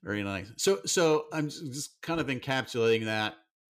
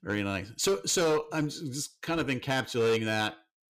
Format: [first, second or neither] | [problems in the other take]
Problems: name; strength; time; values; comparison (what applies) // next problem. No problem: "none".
first | distortion; slight; 7% of the sound clipped